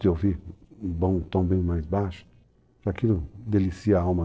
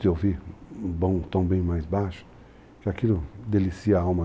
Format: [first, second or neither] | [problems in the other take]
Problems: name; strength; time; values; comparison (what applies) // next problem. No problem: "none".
second | noise reduction (neural separator model SepFormer DNS4)